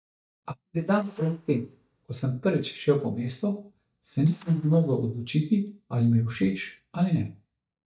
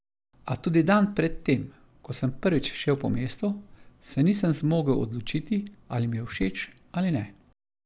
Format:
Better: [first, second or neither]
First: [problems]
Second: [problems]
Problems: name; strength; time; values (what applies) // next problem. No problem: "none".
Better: second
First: noise reduction (neural mask model DeepFilterNet 3)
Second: none